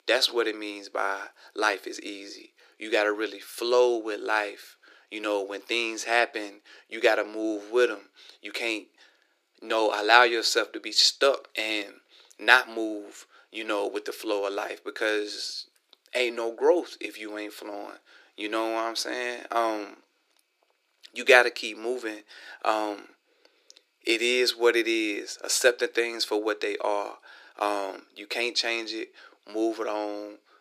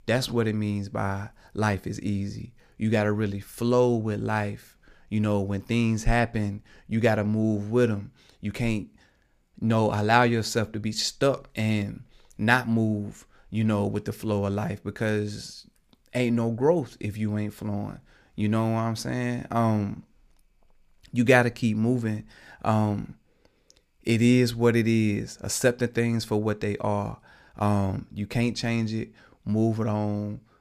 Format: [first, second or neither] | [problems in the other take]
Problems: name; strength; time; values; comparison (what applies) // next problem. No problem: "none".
second | thin; very; fading below 300 Hz